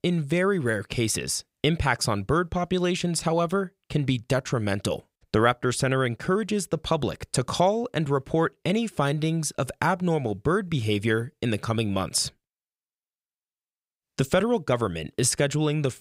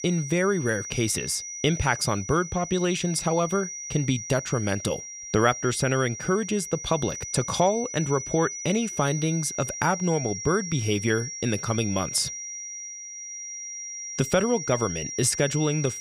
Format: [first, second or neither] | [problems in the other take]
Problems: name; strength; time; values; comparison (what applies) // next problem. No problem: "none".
first | high-pitched whine; loud; throughout; 5.5 kHz, 8 dB below the speech